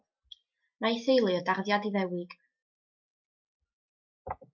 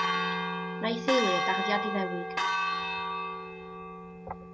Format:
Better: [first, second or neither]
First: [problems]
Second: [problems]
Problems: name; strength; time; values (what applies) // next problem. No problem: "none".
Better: first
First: none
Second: background sound (Church bell); 3 dB above the speech